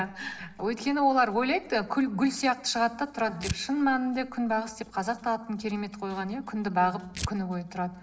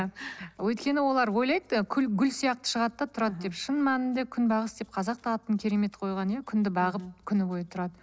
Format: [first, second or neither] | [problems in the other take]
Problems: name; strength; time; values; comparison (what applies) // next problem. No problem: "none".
second | background sound (Tearing); 14 dB below the speech // room echo; dies away in 1 s